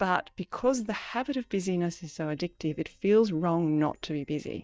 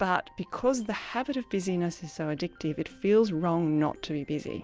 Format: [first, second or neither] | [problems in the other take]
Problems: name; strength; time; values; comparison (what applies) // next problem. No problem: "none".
second | noise reduction (neural mask model DeepFilterNet 3)